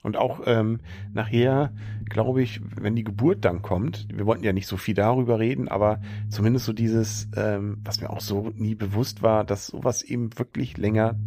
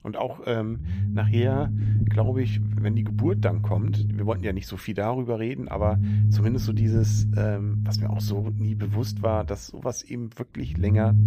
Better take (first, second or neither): first